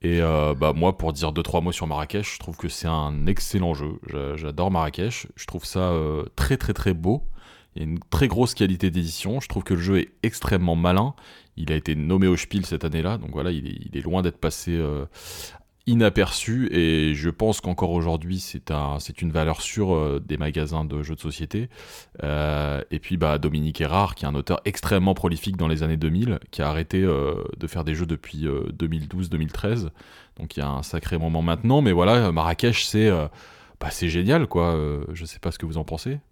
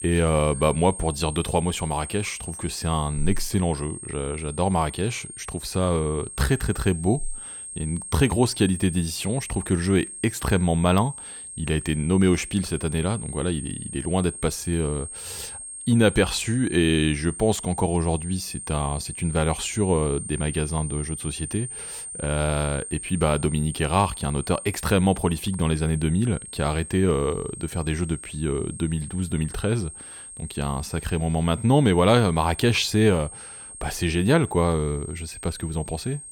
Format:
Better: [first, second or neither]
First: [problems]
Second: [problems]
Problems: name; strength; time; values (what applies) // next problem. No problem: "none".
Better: first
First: none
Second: high-pitched whine; noticeable; throughout; 8.5 kHz, 10 dB below the speech